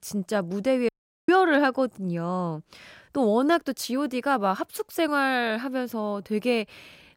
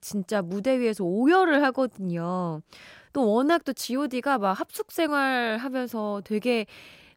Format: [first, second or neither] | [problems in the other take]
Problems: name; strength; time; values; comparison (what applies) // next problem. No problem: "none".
second | audio cutting out; at 1 s